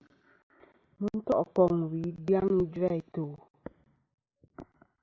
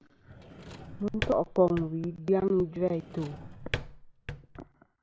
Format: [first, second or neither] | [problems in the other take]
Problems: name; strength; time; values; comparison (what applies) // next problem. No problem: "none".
first | background sound (Drawer open or close); 11 dB below the speech